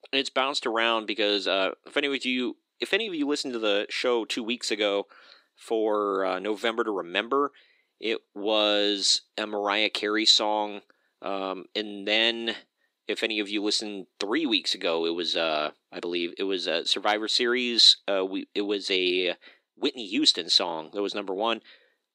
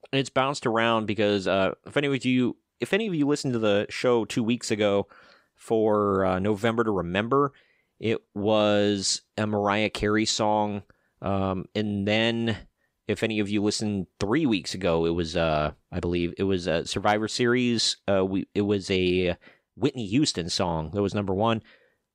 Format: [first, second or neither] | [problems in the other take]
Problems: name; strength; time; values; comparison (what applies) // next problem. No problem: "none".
second | thin; very slightly; fading below 300 Hz